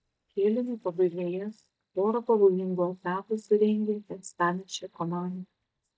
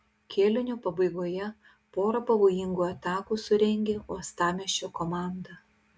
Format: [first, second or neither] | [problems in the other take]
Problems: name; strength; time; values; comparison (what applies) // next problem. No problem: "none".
second | noise reduction (neural mask model DeepFilterNet 3)